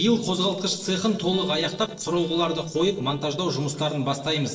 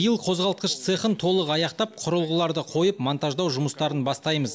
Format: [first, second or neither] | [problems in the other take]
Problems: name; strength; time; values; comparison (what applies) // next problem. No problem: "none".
second | noise reduction (neural separator model SepFormer DNS4)